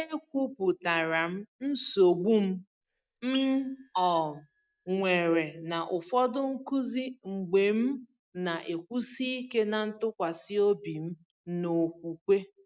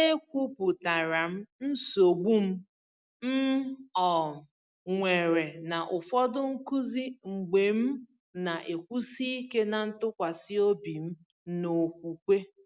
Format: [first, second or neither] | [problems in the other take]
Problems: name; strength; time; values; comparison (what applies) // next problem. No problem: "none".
second | noise reduction (neural mask model DeepFilterNet 3)